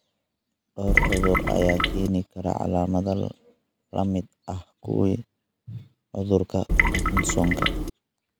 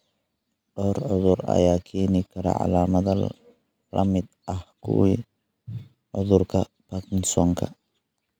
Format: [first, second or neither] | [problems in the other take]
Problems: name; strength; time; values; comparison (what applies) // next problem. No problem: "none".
second | background sound (Trickle, dribble / Water tap, faucet); 4 dB above the speech